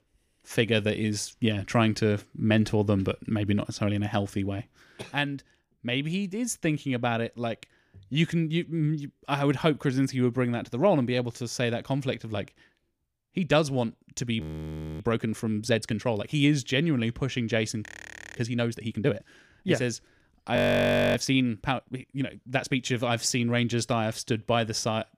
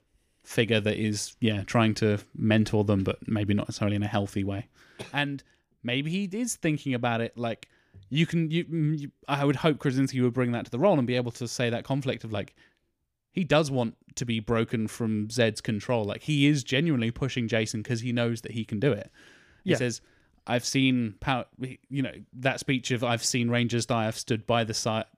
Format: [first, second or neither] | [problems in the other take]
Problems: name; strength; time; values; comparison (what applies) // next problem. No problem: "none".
second | audio freezing; at 14 s for 0.5 s, at 18 s for 0.5 s and at 21 s for 0.5 s